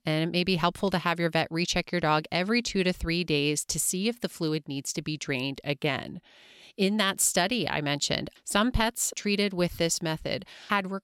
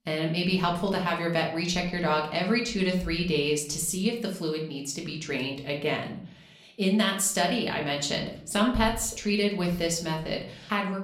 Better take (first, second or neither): first